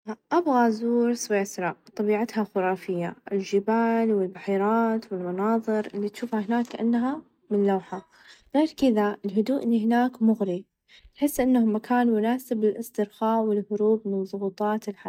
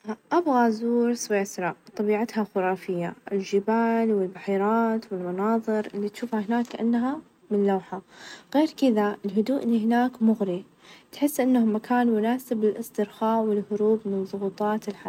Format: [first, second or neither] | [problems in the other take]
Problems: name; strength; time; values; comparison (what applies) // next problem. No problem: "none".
second | noise reduction (neural mask model DeepFilterNet 3)